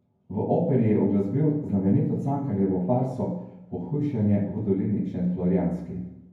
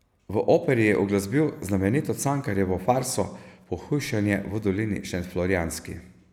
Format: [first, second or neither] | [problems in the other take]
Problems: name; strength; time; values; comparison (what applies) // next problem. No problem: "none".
second | room echo; dies away in 0.9 s